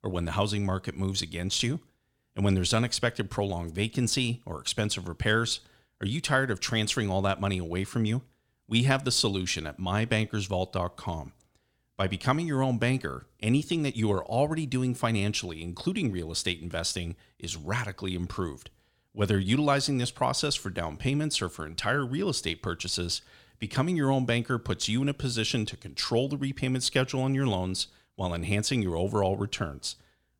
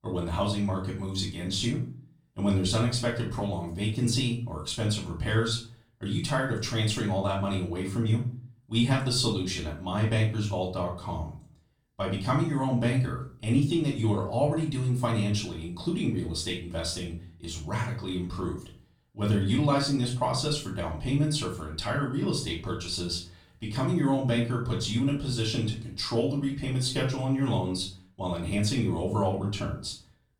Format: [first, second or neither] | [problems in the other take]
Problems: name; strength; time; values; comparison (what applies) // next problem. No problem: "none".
first | room echo; slight; dies away in 0.4 s // off-mic speech; far